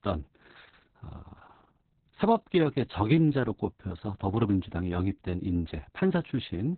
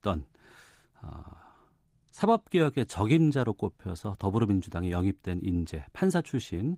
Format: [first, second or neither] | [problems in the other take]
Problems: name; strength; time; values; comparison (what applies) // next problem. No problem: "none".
second | garbled, watery; badly; nothing above 4 kHz; slightly in the second